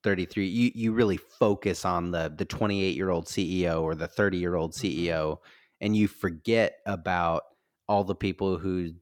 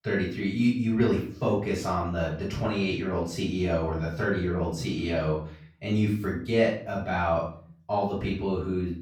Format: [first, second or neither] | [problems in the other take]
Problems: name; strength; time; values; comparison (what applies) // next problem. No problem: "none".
first | off-mic speech; far // room echo; noticeable; dies away in 0.5 s